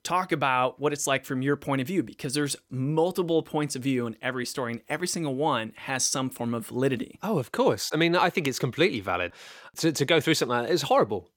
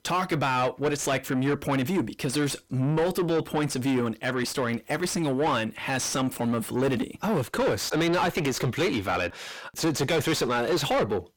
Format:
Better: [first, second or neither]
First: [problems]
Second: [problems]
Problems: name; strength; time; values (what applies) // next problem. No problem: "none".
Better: first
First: none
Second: distortion; heavy; 6 dB below the speech